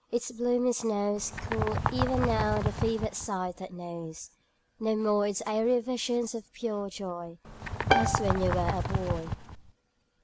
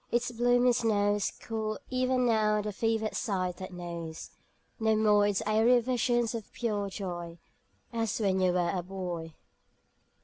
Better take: second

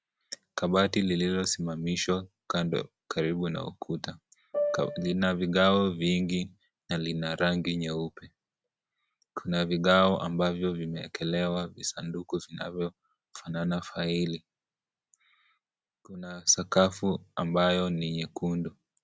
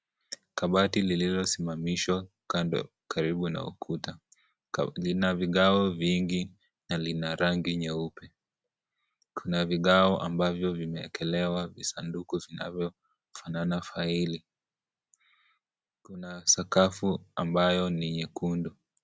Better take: second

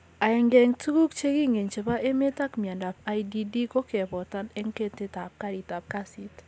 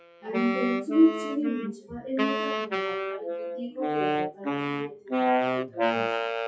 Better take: first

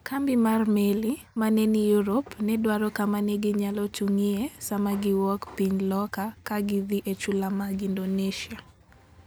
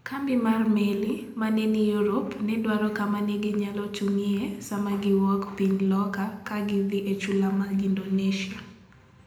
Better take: first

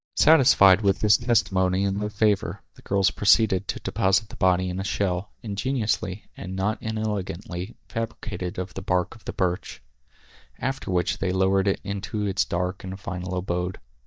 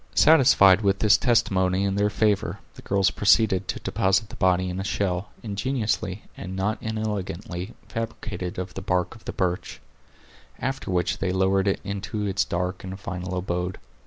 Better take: second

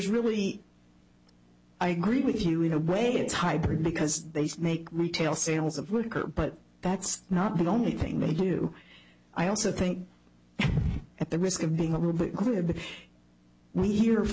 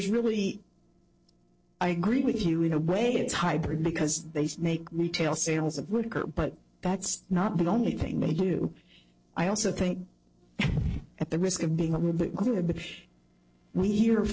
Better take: first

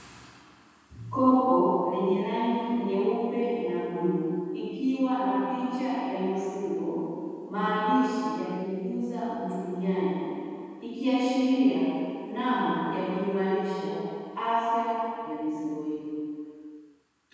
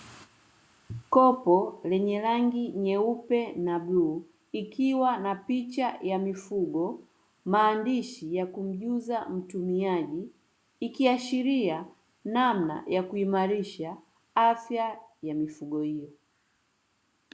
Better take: second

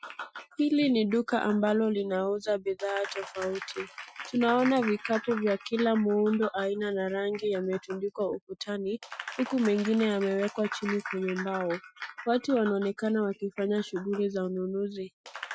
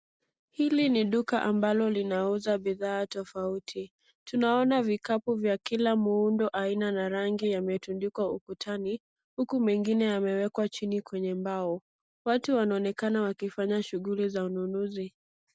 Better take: second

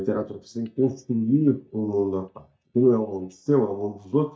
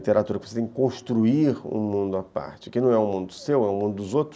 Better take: second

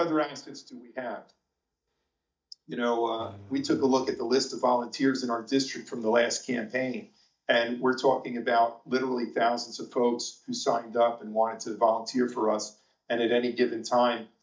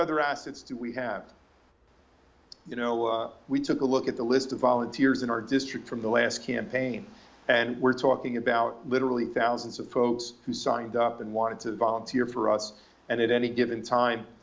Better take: second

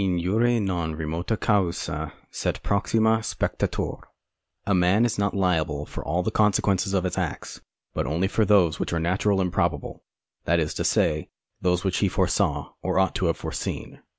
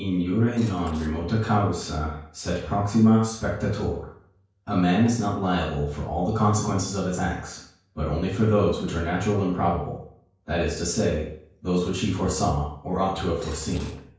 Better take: first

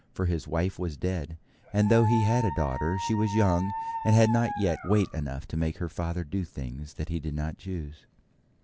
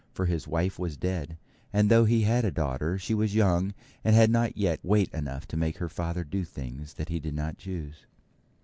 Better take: second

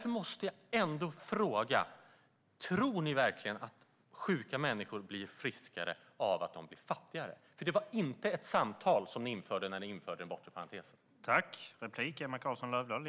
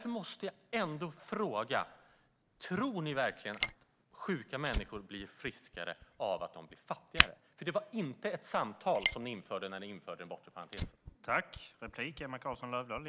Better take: first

